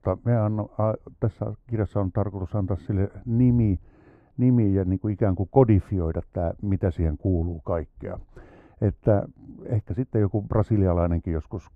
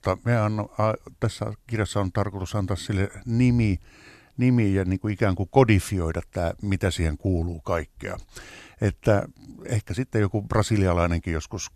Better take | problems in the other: second | muffled; very; fading above 2 kHz

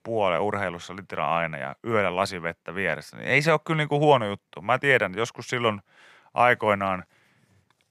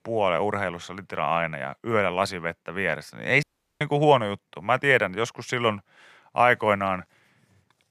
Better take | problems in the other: first | audio cutting out; at 3.5 s

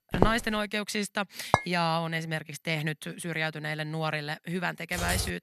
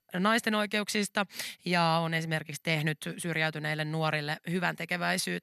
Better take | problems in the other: second | footsteps; loud; at the start; peak 2 dB above the speech // clattering dishes; very faint; at 1.5 s; peak 2 dB above the speech // keyboard typing; noticeable; at 5 s; peak 2 dB below the speech

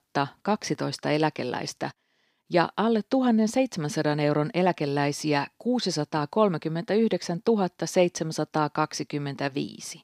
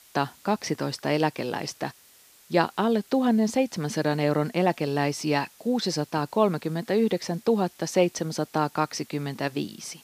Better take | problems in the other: first | hiss; faint; throughout; 25 dB below the speech

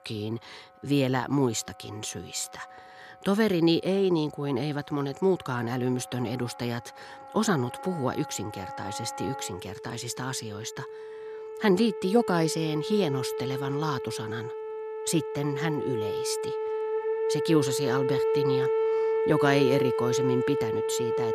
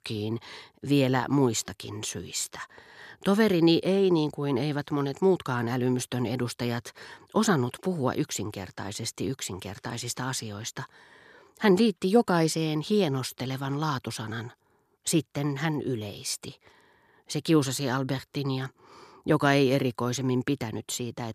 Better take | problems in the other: second | background music; loud; throughout; 2 dB below the speech

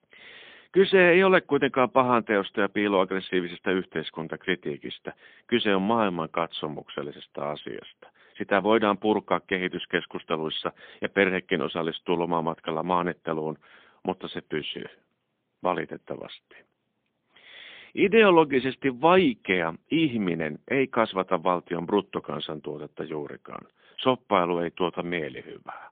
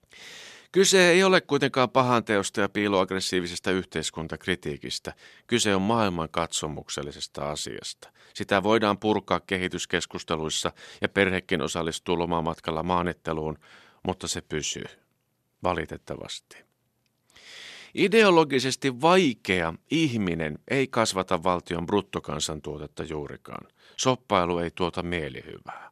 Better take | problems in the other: second | phone-call audio; poor line

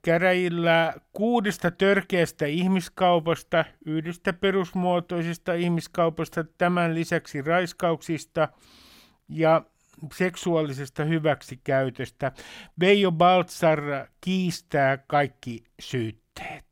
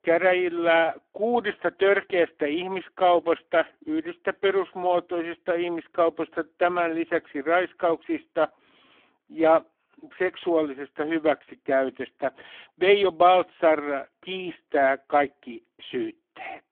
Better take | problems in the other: first | phone-call audio; poor line; nothing above 3.5 kHz

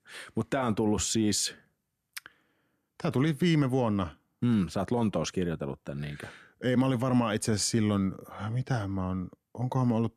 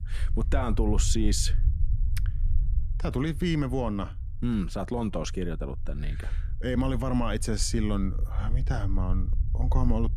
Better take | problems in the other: first | low rumble; noticeable; throughout; 15 dB below the speech

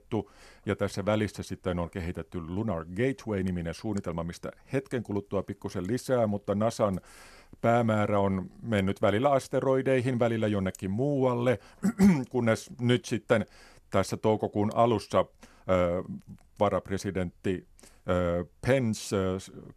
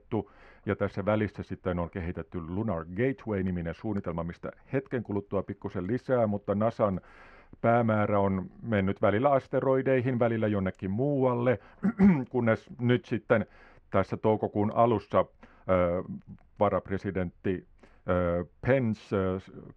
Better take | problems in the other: first | muffled; very; fading above 2 kHz

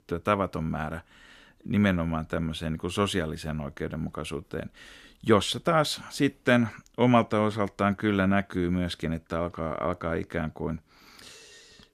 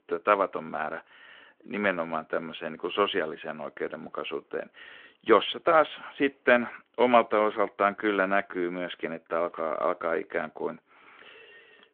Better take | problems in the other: first | phone-call audio

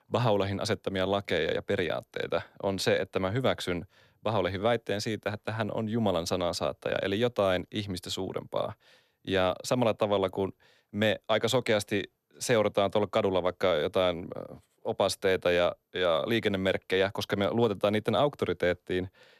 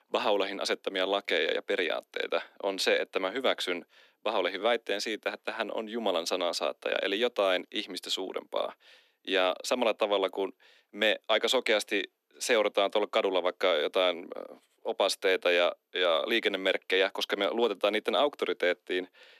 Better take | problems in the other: first | thin; somewhat; fading below 250 Hz

